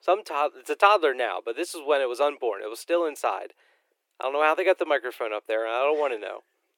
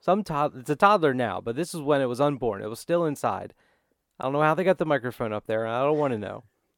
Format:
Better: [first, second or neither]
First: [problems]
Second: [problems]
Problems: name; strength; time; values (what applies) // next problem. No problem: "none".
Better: second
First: thin; very; fading below 350 Hz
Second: none